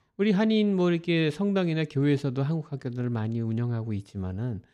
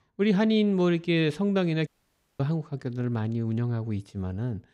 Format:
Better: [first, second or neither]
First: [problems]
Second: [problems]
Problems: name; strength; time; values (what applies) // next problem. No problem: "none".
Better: first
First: none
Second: audio cutting out; at 2 s for 0.5 s